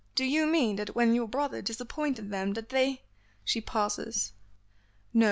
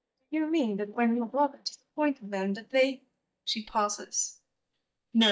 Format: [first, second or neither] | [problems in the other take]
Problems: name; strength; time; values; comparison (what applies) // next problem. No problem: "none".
first | noise reduction (neural mask model DeepFilterNet 3)